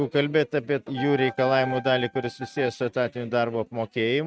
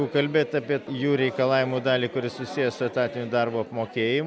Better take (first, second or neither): second